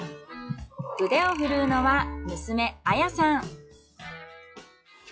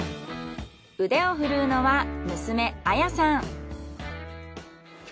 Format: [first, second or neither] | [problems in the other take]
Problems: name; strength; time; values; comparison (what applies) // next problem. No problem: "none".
second | noise reduction (classical method log-MMSE)